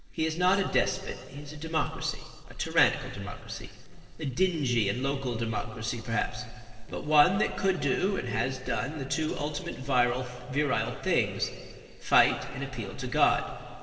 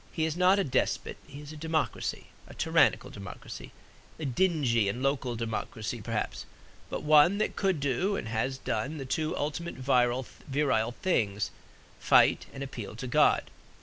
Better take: second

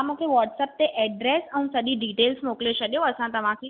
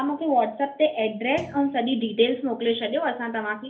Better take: first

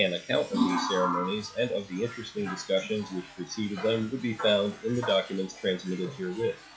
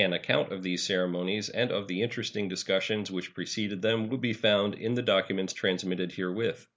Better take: second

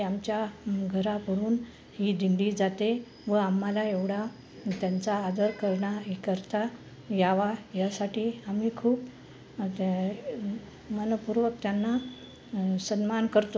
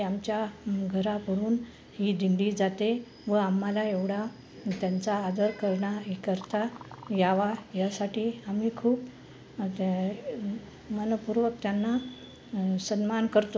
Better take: first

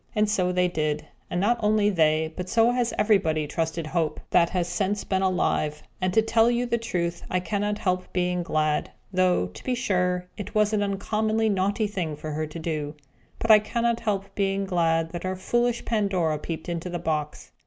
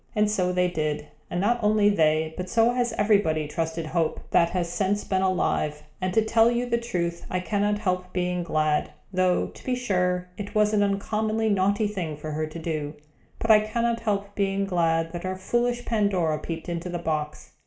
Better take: first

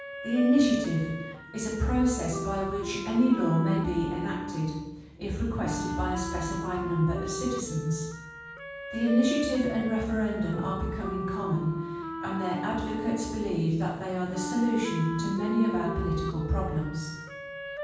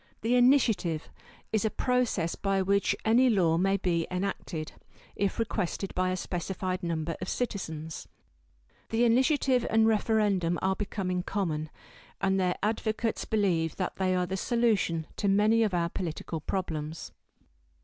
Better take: second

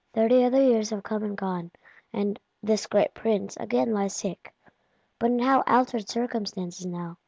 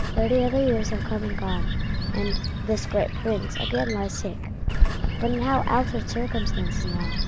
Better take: first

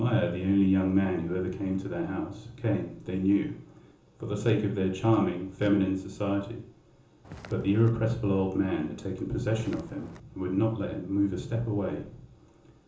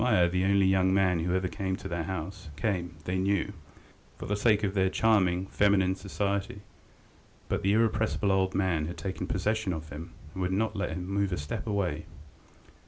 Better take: second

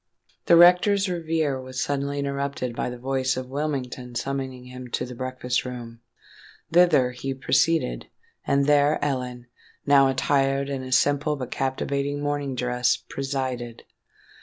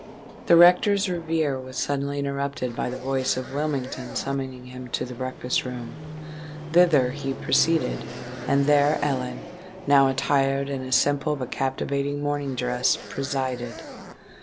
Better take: first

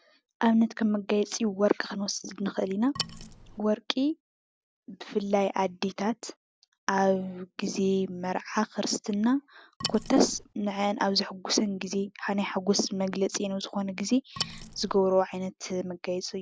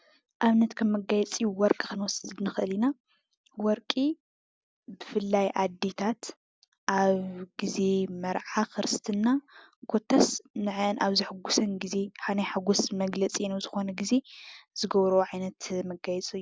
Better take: second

